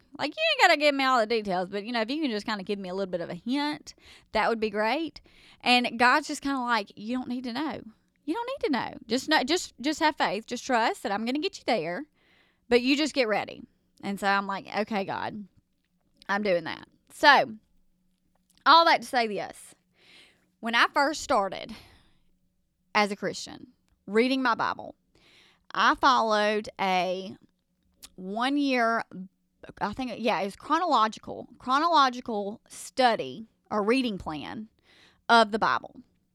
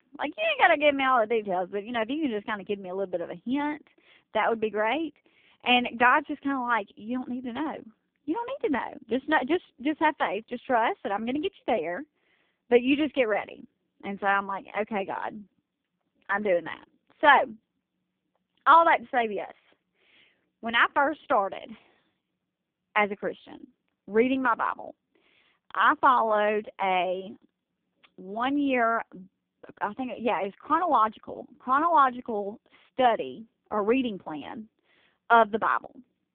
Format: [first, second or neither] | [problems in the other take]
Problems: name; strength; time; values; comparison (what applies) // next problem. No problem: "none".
first | phone-call audio; poor line; nothing above 3 kHz